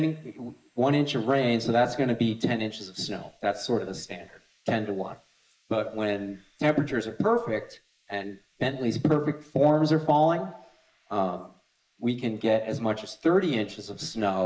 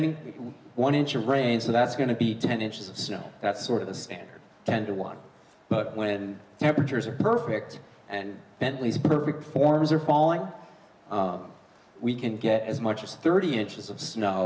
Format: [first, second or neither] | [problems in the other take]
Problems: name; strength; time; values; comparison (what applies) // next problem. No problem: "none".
second | noise reduction (neural mask model Resemble Enhance denoiser)